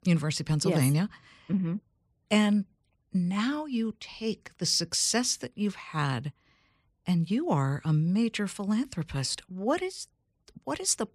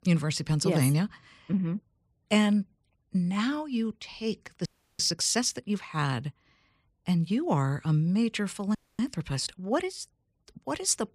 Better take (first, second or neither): first